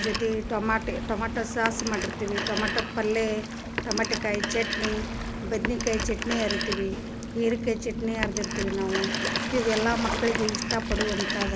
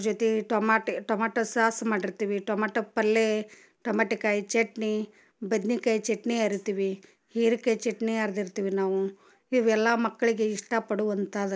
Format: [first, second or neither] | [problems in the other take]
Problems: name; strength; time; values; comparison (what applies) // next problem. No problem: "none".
second | background sound (Telephone + Waves, surf); 1 dB below the speech